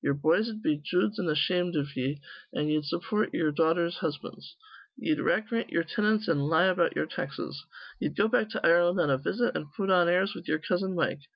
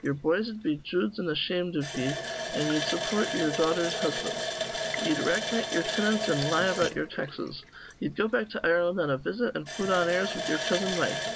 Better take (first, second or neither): first